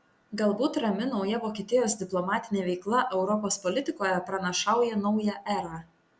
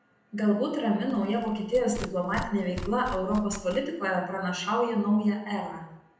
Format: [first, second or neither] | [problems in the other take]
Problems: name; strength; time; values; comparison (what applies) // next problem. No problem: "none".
first | background sound (Tearing); 13 dB below the speech // room echo; dies away in 0.8 s